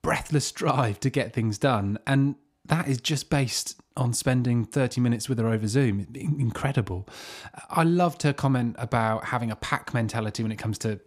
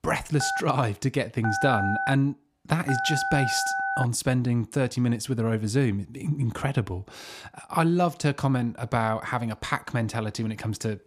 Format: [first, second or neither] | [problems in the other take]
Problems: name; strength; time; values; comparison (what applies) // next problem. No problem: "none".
first | phone ringing; noticeable; until 4 s; peak level with the speech